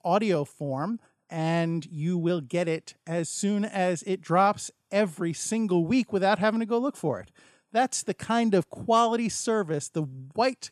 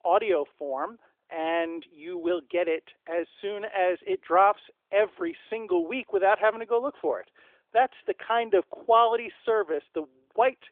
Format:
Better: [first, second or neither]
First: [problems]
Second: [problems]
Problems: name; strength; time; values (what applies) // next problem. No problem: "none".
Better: first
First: none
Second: phone-call audio; nothing above 3.5 kHz